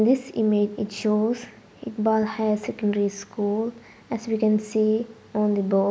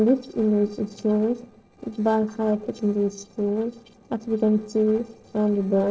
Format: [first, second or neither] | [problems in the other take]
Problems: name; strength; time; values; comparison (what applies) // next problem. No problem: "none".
first | noise reduction (neural separator model SepFormer DNS4)